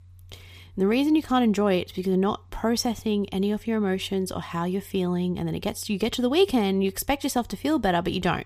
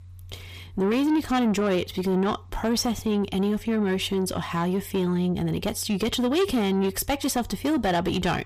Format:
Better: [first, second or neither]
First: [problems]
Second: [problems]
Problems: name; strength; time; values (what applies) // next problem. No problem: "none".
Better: first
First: none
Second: distortion; slight; 9 dB below the speech